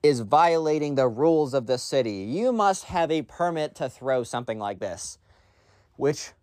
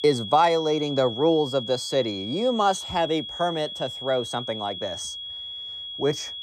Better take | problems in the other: first | high-pitched whine; loud; throughout; 3.5 kHz, 8 dB below the speech

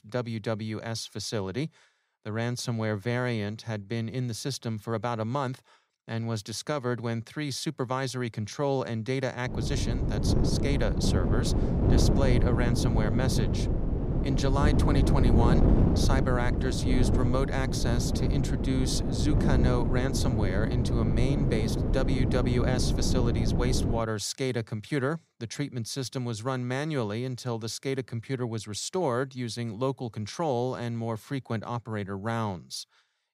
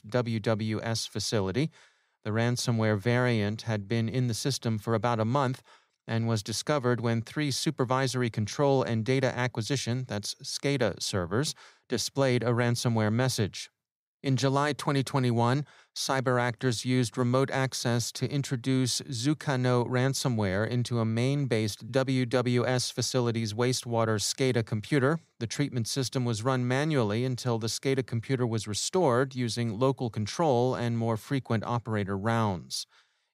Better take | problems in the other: second | wind noise on the microphone; heavy; from 9.5 to 24 s; 2 dB below the speech

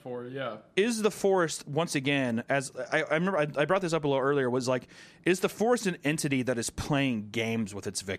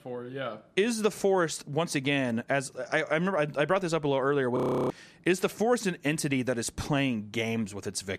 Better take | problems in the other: first | audio freezing; at 4.5 s

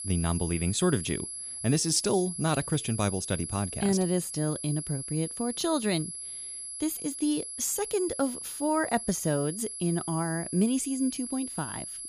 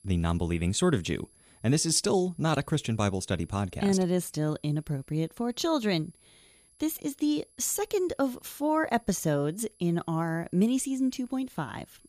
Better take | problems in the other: second | high-pitched whine; loud; throughout; 11 kHz, 6 dB below the speech; faint in the second

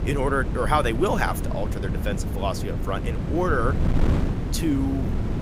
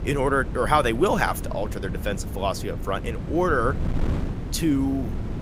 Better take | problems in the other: second | wind noise on the microphone; heavy; 9 dB below the speech; occasional gusts in the second

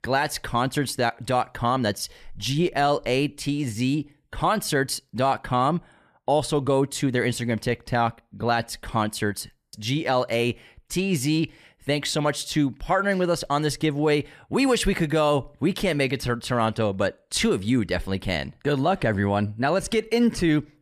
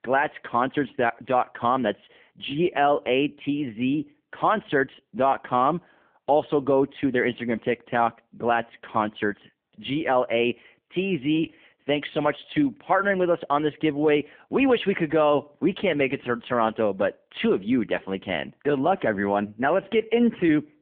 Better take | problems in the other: first | phone-call audio; poor line; nothing above 3.5 kHz

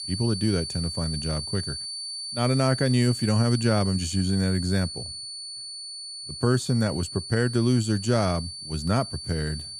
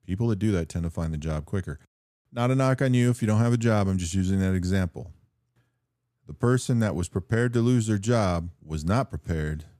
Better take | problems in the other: second | high-pitched whine; loud; throughout; 4.5 kHz, 7 dB below the speech

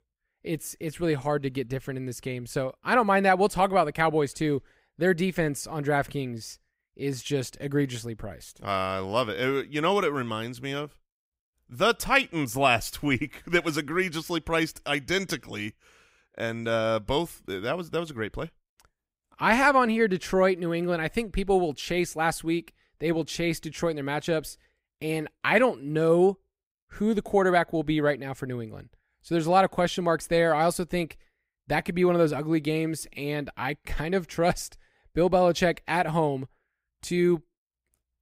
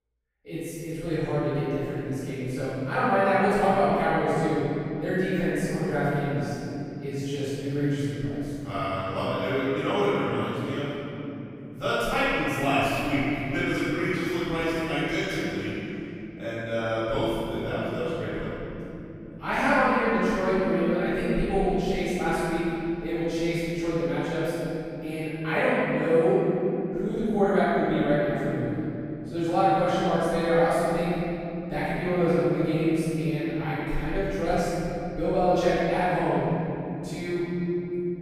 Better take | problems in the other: first | off-mic speech; far // room echo; strong; dies away in 3 s

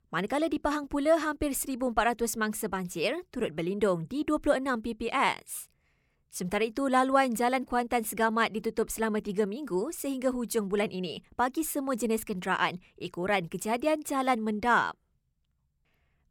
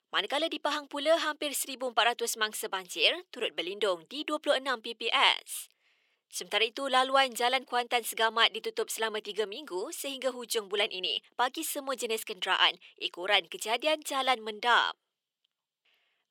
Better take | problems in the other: first | thin; somewhat; fading below 400 Hz

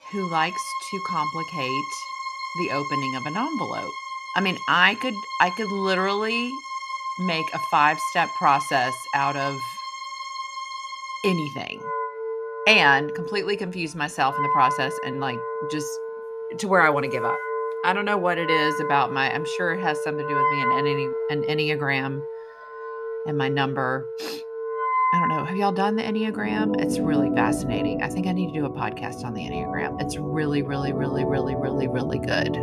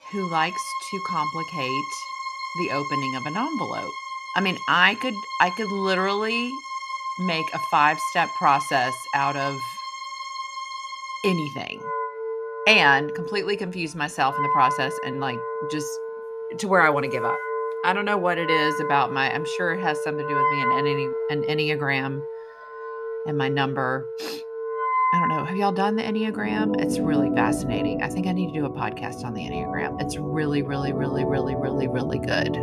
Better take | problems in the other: neither | background music; loud; throughout; 4 dB below the speech; the same in both

